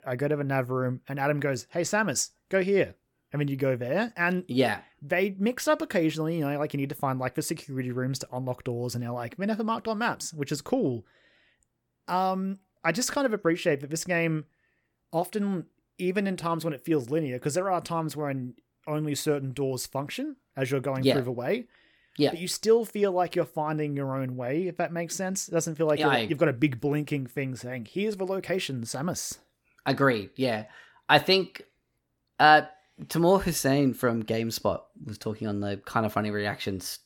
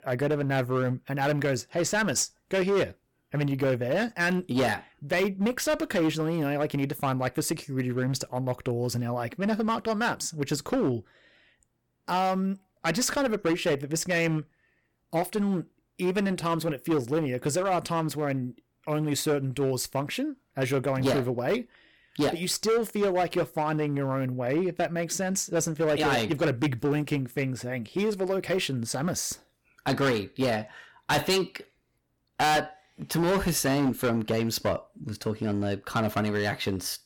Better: first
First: none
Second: distortion; heavy; 10% of the sound clipped

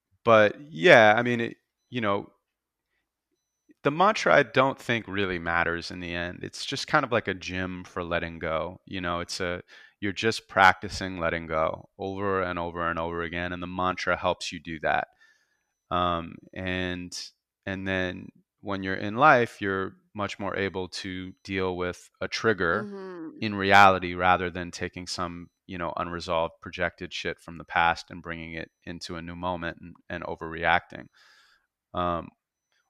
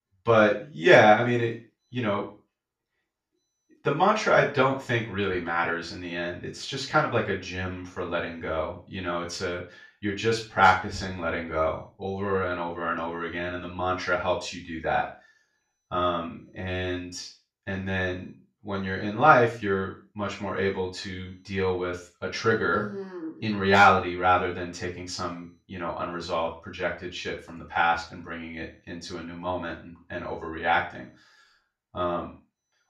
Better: first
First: none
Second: room echo; slight; dies away in 0.3 s // off-mic speech; far

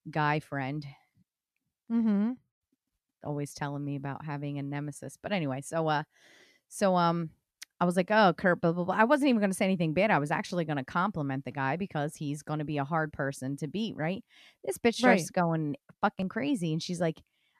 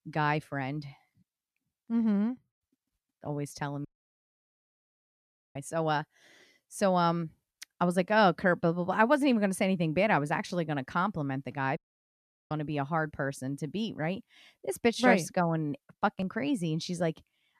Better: first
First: none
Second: audio cutting out; at 4 s for 1.5 s and at 12 s for 0.5 s

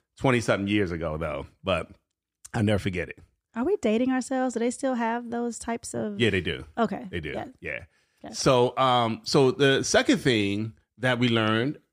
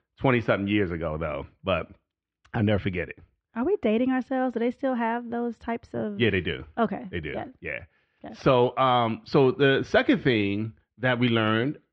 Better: first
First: none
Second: muffled; very; fading above 3 kHz

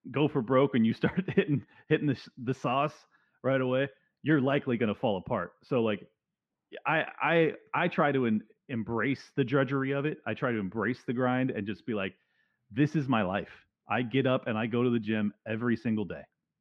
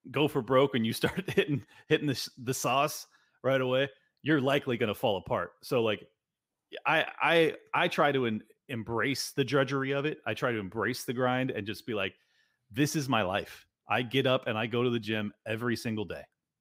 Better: second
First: muffled; very; fading above 2 kHz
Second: none

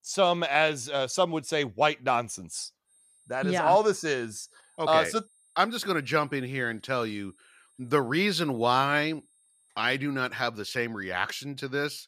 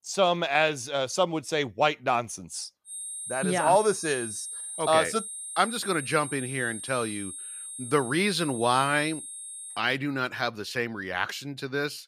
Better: first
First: high-pitched whine; faint; from 3 to 10 s; 8.5 kHz, 35 dB below the speech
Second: high-pitched whine; loud; from 3 to 10 s; 8.5 kHz, 8 dB below the speech

